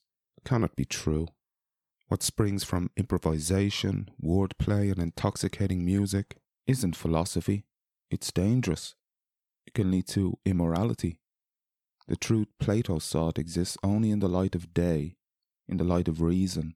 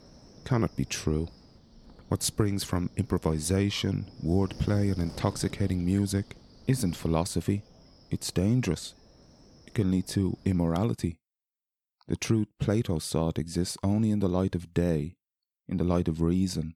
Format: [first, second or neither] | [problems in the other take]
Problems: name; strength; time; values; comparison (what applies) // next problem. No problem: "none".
first | wind noise on the microphone; occasional gusts; until 11 s; 20 dB below the speech